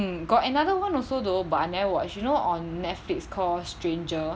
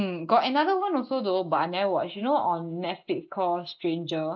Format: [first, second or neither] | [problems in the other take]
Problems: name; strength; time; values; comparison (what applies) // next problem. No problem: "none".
first | noise reduction (neural mask model Resemble Enhance denoiser)